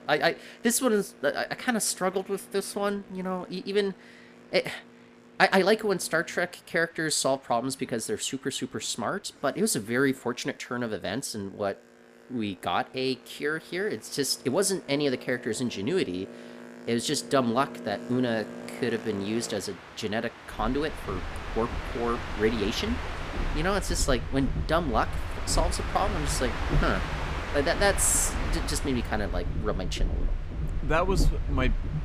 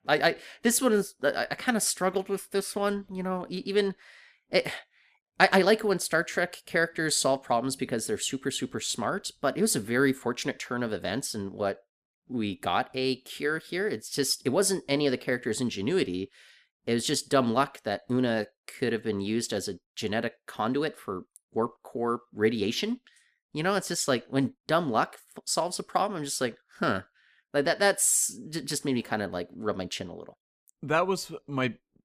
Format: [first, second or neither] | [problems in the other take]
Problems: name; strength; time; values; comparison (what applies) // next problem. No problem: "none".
second | train or aircraft noise; loud; throughout; 6 dB below the speech